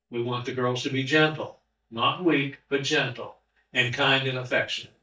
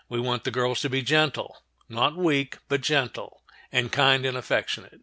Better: second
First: noise reduction (neural mask model DeepFilterNet 3)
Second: none

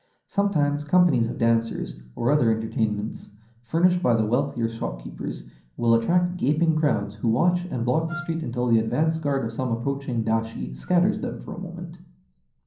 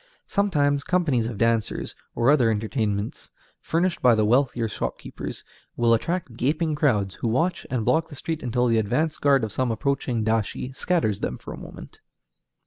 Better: second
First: background sound (Wind instrument, woodwind instrument); 15 dB below the speech // room echo; dies away in 0.6 s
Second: none

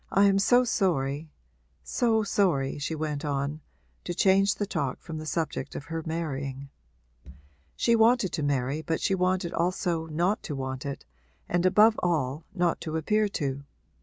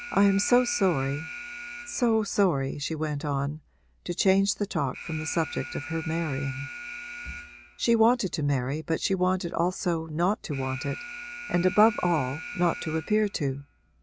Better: first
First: none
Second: background sound (Alarm); 14 dB below the speech

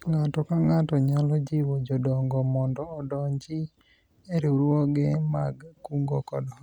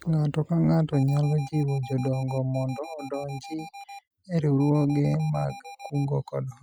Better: first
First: none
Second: noise reduction (classical method Wiener filter)

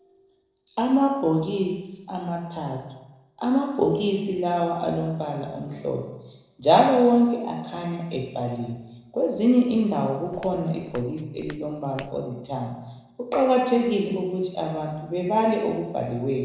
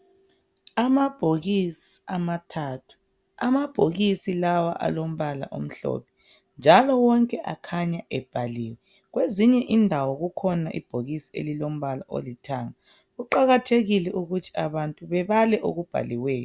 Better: second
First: noise reduction (neural separator model SepFormer DNS4)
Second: none

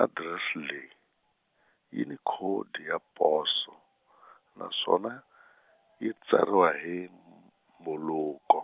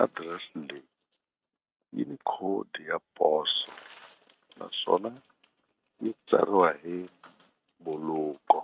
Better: first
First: none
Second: noise reduction (neural mask model RNNoise)

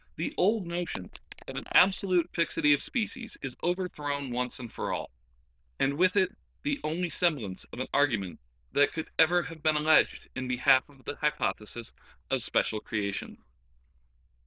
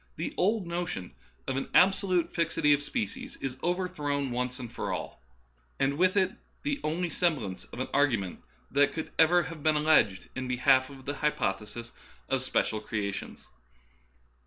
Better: second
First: noise reduction (neural diffusion model UNIVERSE++)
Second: none

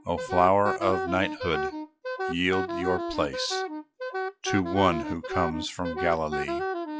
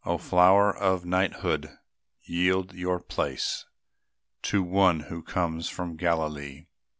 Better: second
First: noise reduction (classical method log-MMSE)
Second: none

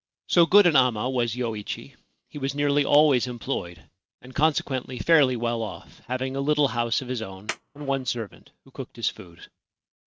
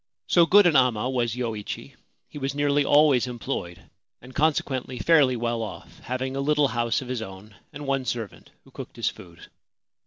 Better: second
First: noise reduction (neural mask model RNNoise)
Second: none

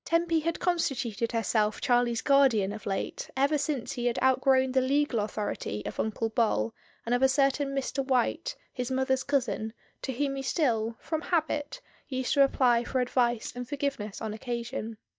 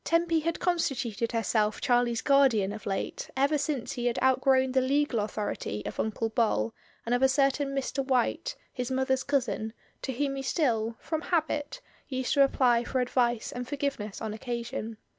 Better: second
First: noise reduction (neural mask model DeepFilterNet 3)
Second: none

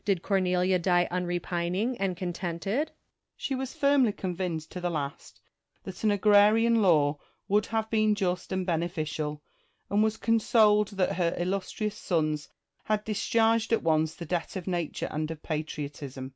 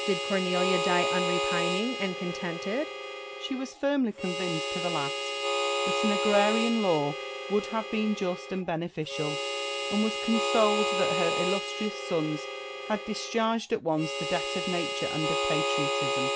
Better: first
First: none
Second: background sound (Harmonica); 1 dB below the speech

